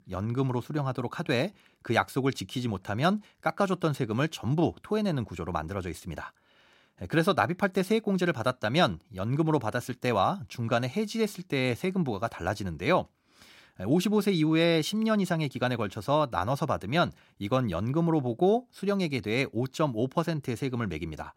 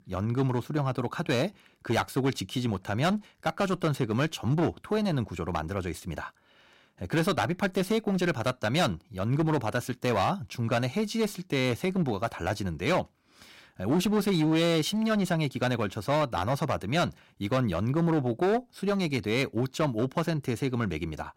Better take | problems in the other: first | distortion; slight; 10% of the sound clipped

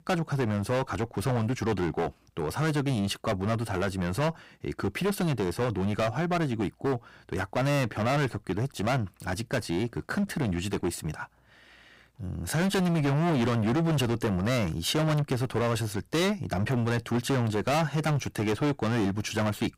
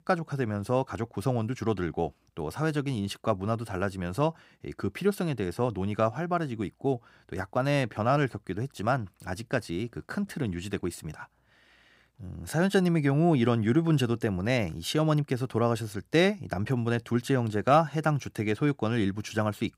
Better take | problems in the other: second | distortion; heavy; 19% of the sound clipped

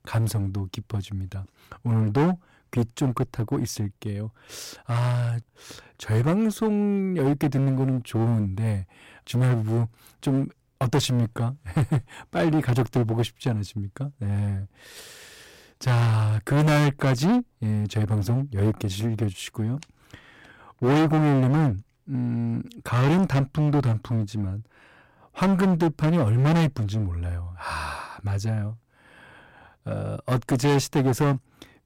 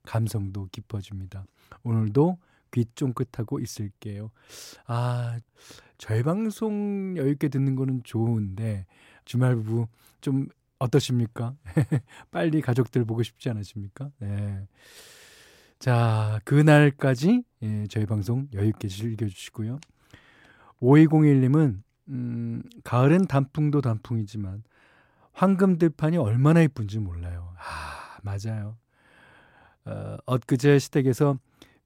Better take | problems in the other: second | distortion; heavy; 12% of the sound clipped

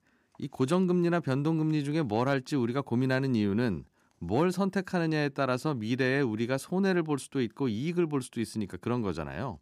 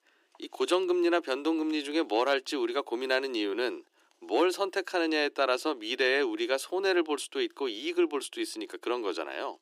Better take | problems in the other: first | thin; very; fading below 300 Hz

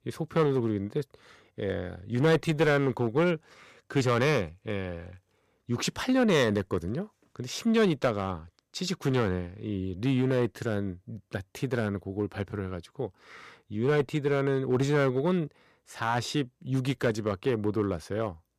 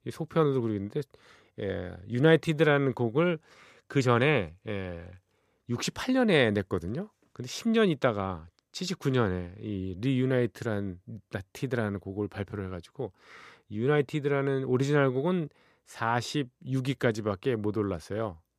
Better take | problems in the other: second | distortion; slight; 3% of the sound clipped

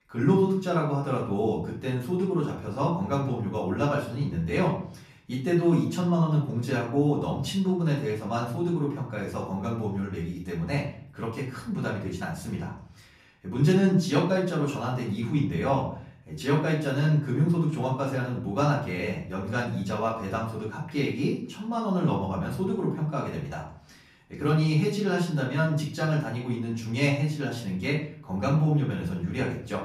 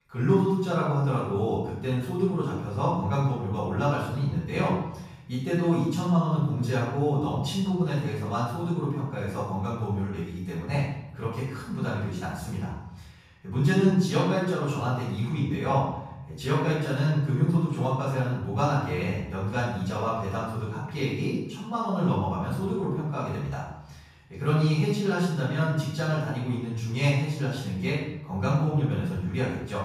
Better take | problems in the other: first | room echo; strong; dies away in 0.8 s; slight in the first // off-mic speech; far; far in the first

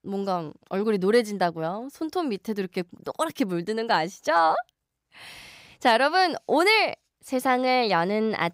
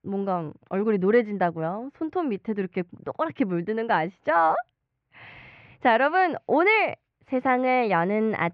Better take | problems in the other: first | muffled; very; fading above 2.5 kHz

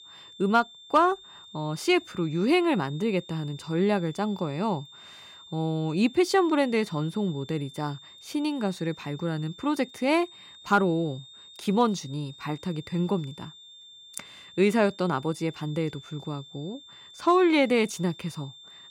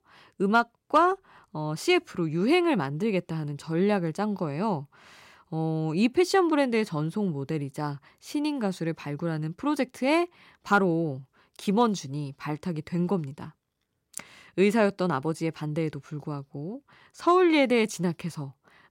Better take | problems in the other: second | high-pitched whine; noticeable; throughout; 3.5 kHz, 20 dB below the speech

